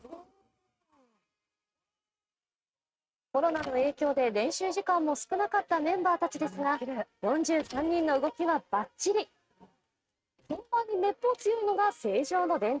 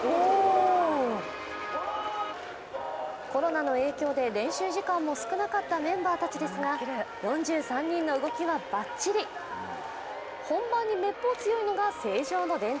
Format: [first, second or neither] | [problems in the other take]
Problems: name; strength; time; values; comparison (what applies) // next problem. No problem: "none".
second | noise reduction (neural mask model RNNoise)